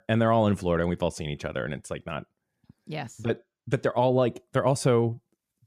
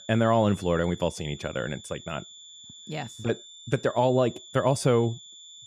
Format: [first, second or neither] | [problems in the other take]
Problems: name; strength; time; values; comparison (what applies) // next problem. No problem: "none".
first | high-pitched whine; noticeable; throughout; 3.5 kHz, 20 dB below the speech